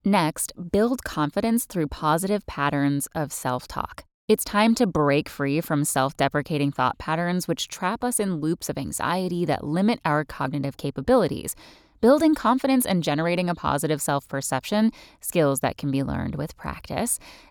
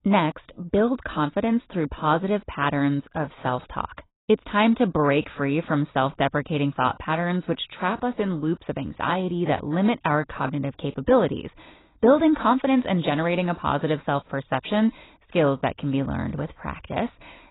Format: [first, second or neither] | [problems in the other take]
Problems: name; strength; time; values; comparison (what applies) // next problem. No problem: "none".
first | garbled, watery; badly; nothing above 4 kHz